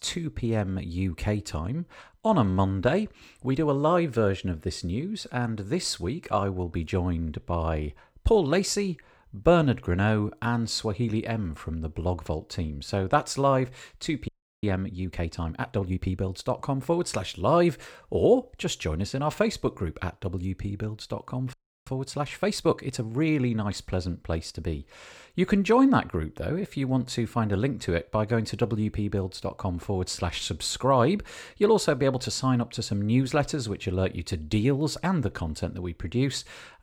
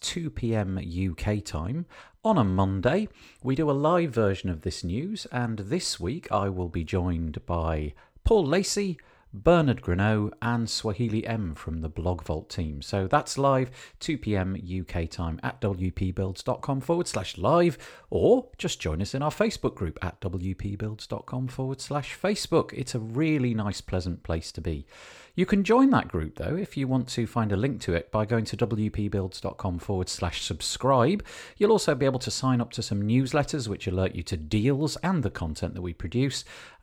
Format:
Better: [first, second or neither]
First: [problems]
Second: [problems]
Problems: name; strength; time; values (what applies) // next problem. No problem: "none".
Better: second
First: audio freezing; at 14 s and at 22 s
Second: none